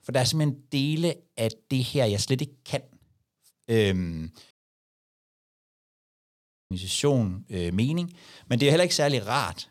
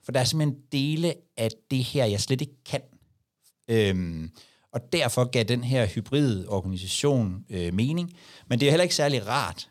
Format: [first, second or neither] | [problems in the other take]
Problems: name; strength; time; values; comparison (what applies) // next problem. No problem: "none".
second | audio cutting out; at 4.5 s for 2 s